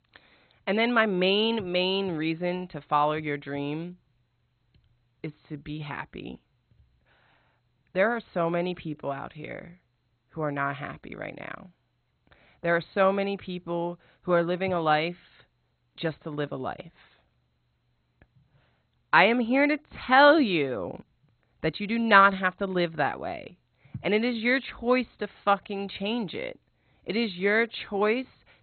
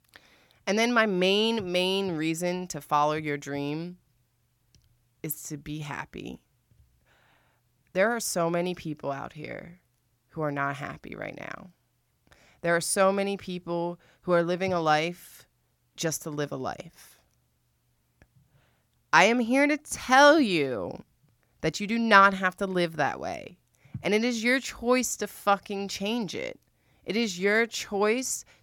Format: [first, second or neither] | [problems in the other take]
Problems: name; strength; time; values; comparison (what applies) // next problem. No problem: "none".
second | garbled, watery; badly; nothing above 4 kHz